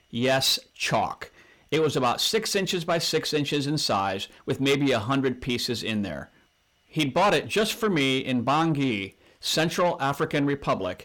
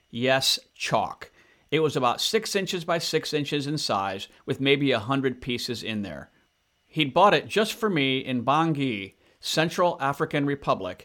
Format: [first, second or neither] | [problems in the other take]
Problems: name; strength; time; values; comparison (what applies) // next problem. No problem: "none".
second | distortion; slight; 10 dB below the speech